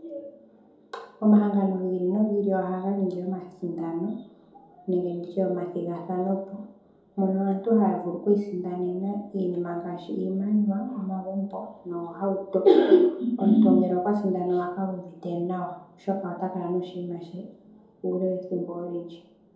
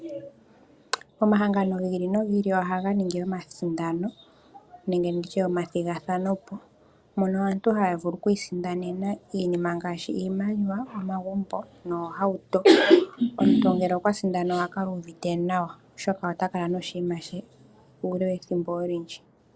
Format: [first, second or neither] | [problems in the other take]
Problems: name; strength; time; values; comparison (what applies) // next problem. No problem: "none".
second | room echo; dies away in 2.6 s